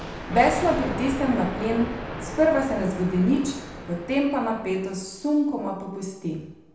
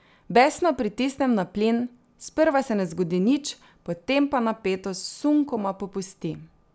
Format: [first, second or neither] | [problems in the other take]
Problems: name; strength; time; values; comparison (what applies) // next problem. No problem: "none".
second | background sound (Thunder); 10 dB below the speech // room echo; dies away in 0.8 s